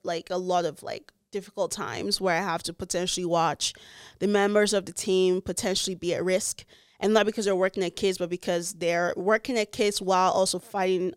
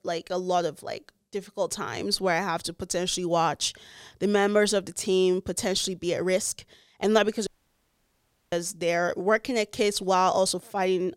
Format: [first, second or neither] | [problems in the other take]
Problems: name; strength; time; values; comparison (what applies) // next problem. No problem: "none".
first | audio cutting out; at 7.5 s for 1 s